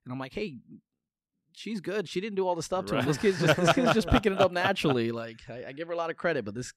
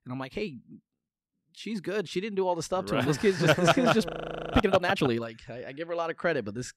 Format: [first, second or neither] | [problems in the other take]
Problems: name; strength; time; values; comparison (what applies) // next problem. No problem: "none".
first | audio freezing; at 4 s